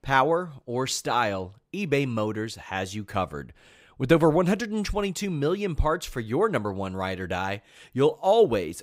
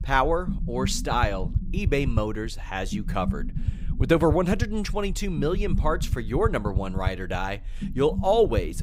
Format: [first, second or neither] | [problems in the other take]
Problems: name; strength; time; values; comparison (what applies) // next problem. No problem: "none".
first | low rumble; noticeable; throughout; 15 dB below the speech